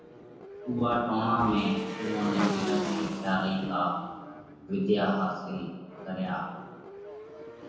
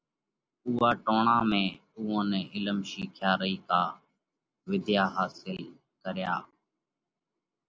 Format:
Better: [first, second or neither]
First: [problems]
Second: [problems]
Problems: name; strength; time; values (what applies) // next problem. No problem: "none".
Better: second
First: background sound (Motorcycle / Engine); 7 dB below the speech // room echo; dies away in 1.2 s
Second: none